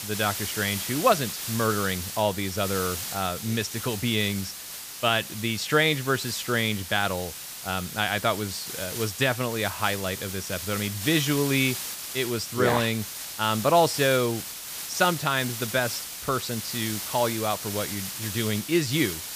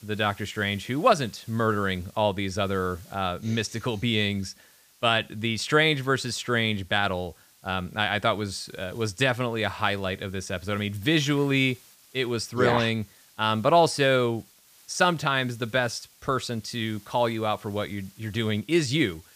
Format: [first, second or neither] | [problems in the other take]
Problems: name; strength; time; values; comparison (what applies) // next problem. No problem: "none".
second | hiss; loud; throughout; 6 dB below the speech; faint in the second